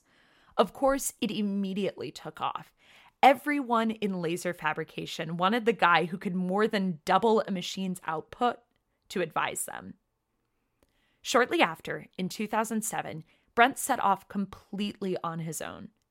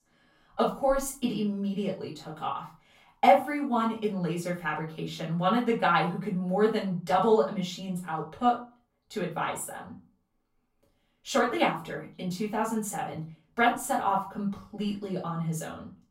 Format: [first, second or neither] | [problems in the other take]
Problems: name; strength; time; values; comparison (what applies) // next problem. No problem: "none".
first | room echo; slight; dies away in 0.3 s // off-mic speech; far